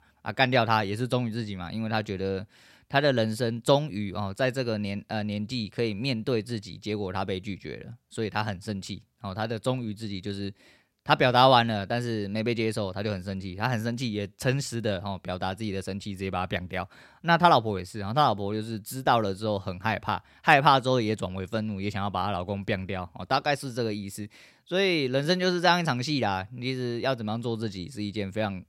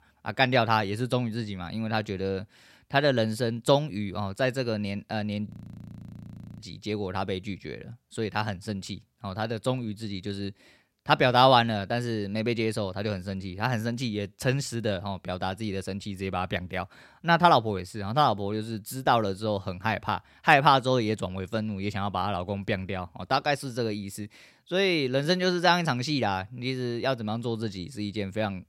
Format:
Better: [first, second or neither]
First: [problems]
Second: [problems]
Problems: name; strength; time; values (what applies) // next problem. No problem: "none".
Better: first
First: none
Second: audio freezing; at 5.5 s for 1 s